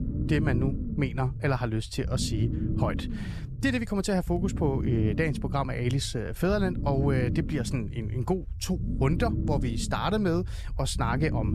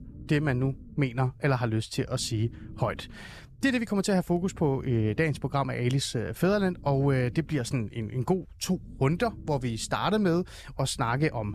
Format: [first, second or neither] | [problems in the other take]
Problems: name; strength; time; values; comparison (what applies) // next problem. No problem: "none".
second | low rumble; loud; throughout; 9 dB below the speech; faint in the second